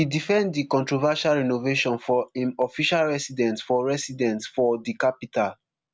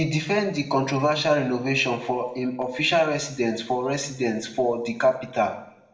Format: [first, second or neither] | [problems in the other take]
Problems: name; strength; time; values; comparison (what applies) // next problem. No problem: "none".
first | room echo; dies away in 0.7 s